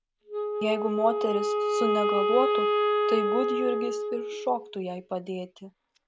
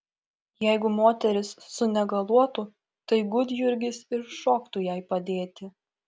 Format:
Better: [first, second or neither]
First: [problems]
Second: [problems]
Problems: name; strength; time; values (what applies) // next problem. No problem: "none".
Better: second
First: background sound (Wind instrument, woodwind instrument); 3 dB above the speech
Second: none